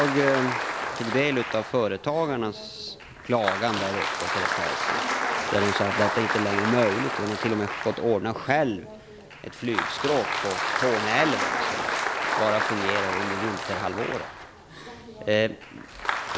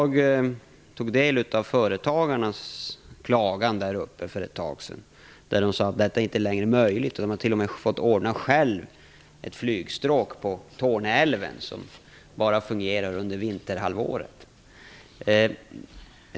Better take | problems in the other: second | background sound (Applause); 2 dB below the speech

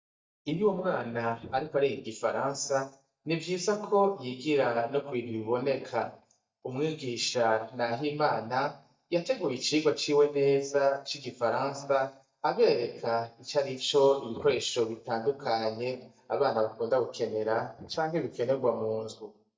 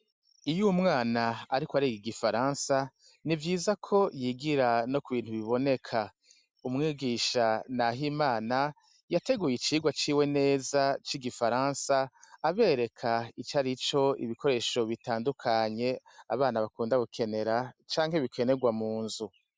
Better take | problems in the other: second | noise reduction (neural mask model DeepFilterNet 3)

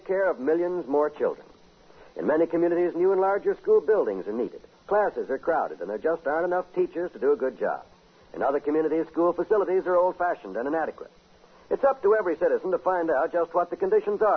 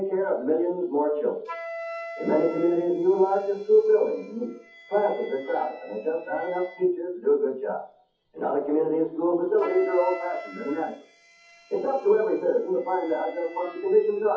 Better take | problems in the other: first | noise reduction (classical method WPE with log-MMSE)

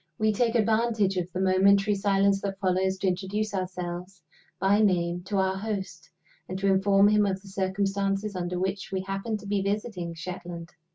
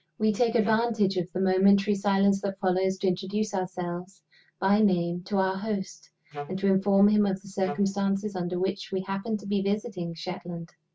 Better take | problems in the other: first | background sound (Wind instrument, woodwind instrument); 13 dB below the speech

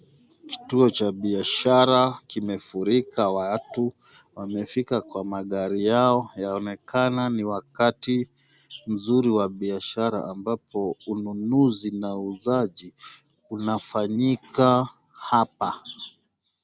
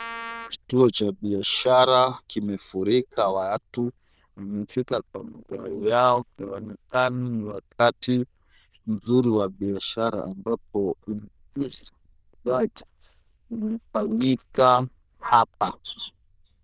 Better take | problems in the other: first | noise reduction (neural diffusion model UNIVERSE++)

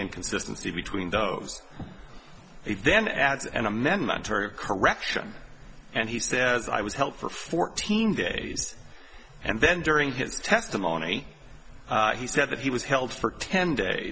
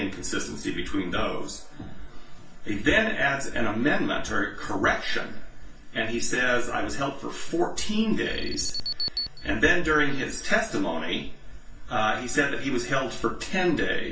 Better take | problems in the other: first | background sound (Alarm); 8 dB below the speech // room echo; dies away in 0.4 s

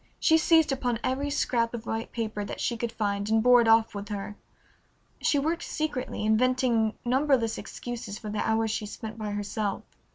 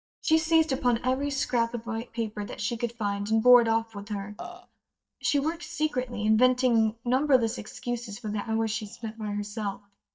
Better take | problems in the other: first | noise reduction (neural mask model DeepFilterNet 3)

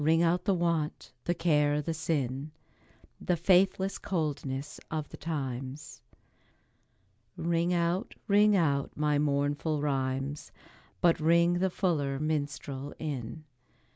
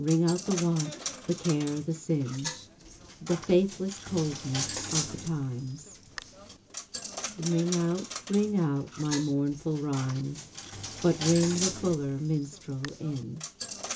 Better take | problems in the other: first | background sound (Coin (dropping)); 9 dB below the speech // room echo; dies away in 0.2 s

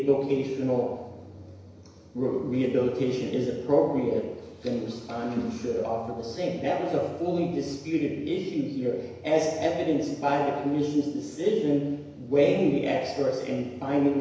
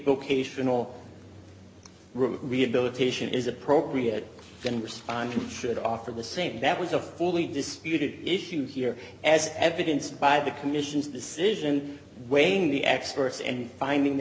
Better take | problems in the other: second | room echo; dies away in 1 s

